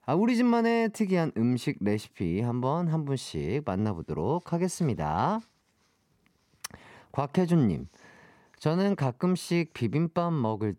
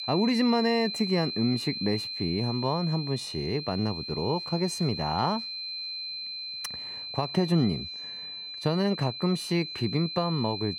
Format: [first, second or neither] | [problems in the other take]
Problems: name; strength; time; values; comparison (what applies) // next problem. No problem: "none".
first | high-pitched whine; loud; throughout; 4 kHz, 6 dB below the speech